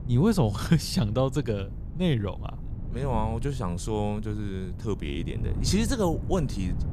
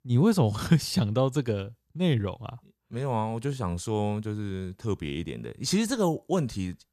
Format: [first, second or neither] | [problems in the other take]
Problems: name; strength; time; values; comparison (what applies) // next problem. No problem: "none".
second | wind noise on the microphone; occasional gusts; 15 dB below the speech